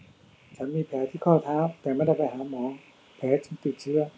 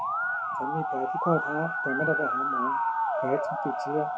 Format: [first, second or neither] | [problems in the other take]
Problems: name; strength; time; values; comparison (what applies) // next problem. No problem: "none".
first | background sound (Musical instrument); 3 dB above the speech